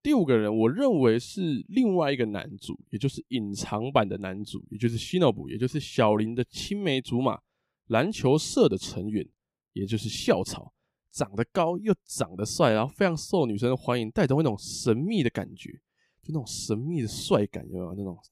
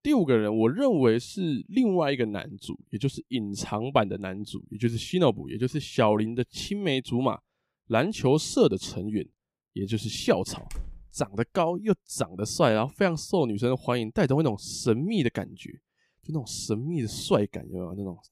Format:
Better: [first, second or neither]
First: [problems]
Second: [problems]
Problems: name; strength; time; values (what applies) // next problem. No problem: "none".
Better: first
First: none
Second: door banging; faint; at 11 s; peak 15 dB below the speech